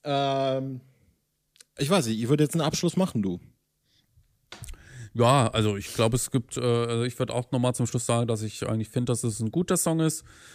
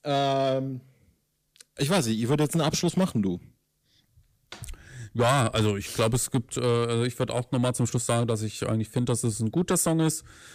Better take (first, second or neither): first